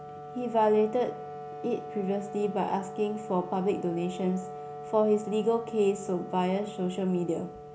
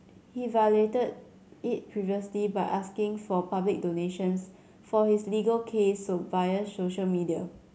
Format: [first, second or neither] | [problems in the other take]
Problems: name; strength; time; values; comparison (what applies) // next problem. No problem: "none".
second | background sound (Wind instrument, woodwind instrument); 12 dB below the speech